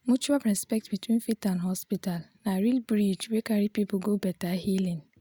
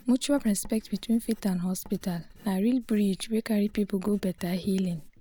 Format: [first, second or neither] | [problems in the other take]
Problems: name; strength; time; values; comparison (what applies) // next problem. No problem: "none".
first | background sound (Writing); 20 dB below the speech